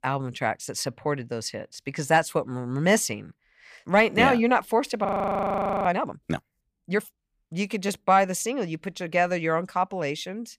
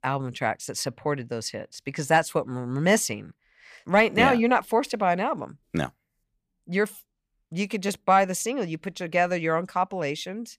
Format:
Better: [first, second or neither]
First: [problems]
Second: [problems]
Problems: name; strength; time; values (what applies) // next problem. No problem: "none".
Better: second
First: audio freezing; at 5 s for 1 s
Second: none